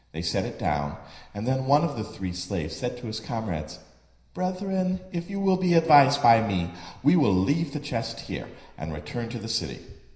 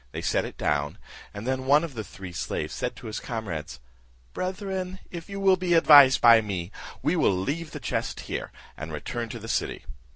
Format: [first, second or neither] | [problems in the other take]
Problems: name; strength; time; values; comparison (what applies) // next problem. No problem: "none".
second | room echo; dies away in 0.9 s